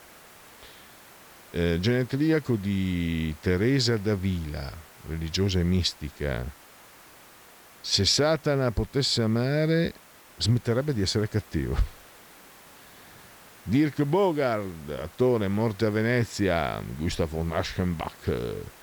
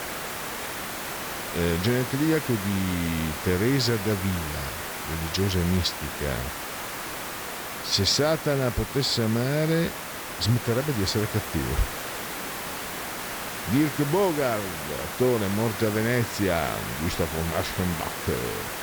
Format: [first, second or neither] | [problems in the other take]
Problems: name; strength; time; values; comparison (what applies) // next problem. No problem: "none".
first | hiss; loud; throughout; 6 dB below the speech; faint in the first